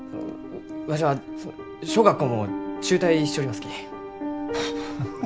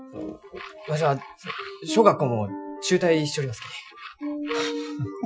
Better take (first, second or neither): first